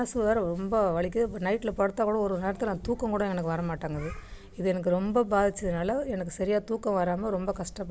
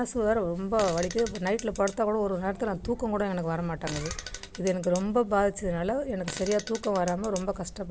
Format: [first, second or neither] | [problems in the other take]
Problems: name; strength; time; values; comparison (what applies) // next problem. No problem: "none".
first | background sound (Fart); 15 dB below the speech